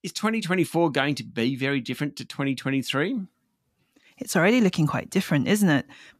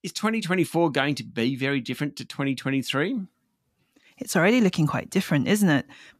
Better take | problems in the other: neither | none

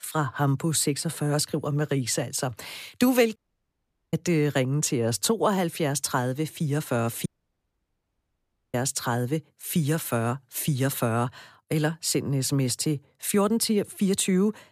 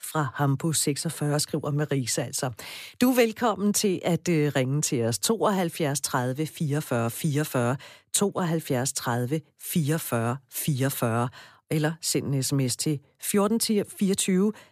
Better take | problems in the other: second | audio cutting out; at 3.5 s for 1 s and at 7.5 s for 1.5 s

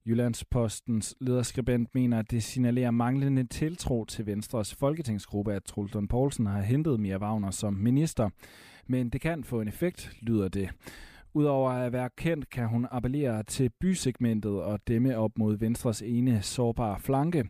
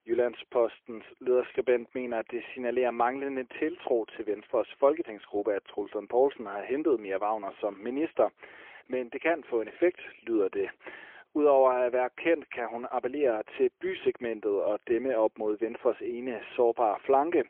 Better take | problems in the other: first | phone-call audio; poor line; nothing above 3.5 kHz

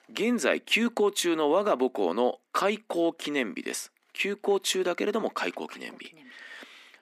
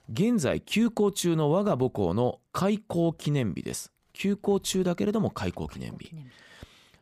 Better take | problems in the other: second | thin; somewhat; fading below 250 Hz

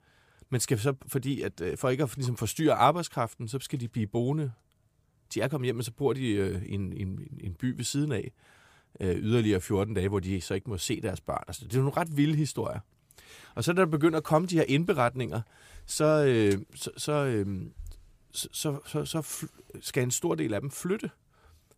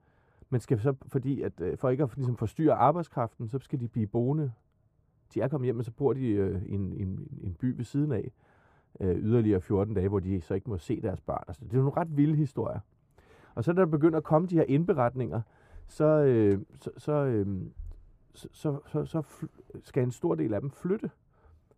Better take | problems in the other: first | muffled; very; fading above 2 kHz

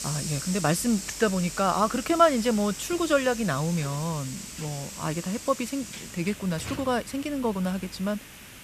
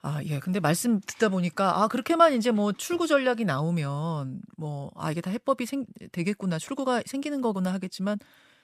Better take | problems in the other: second | hiss; loud; throughout; 10 dB below the speech

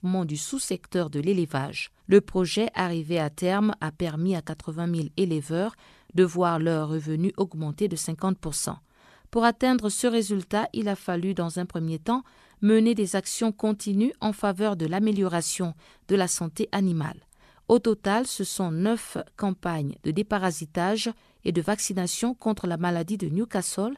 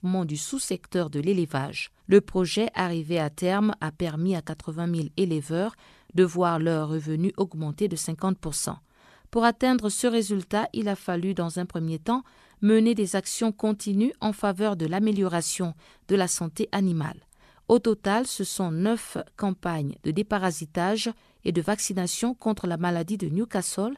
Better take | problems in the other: neither | none

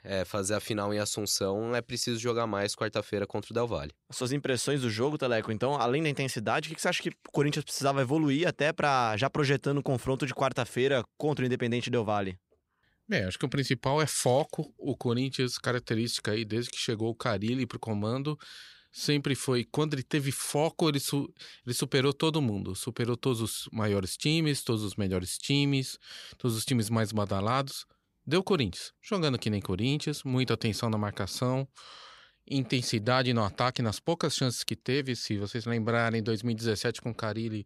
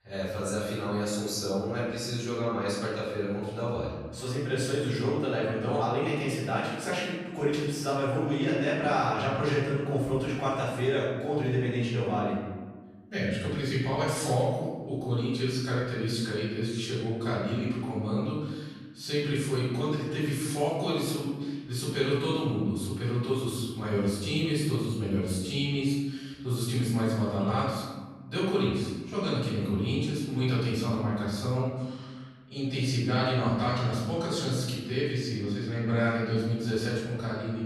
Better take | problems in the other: first | off-mic speech; far // room echo; strong; dies away in 1.3 s

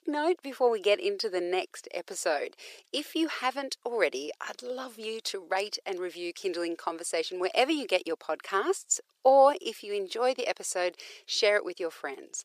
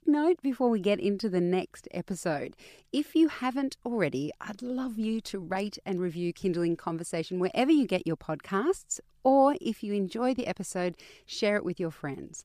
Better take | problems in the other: second | thin; very; fading below 450 Hz

